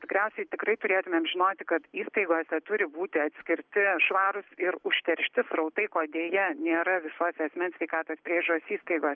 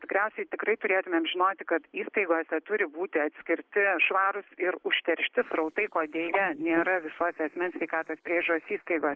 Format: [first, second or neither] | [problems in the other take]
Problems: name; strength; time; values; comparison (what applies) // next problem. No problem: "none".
first | noise reduction (neural mask model Resemble Enhance denoiser)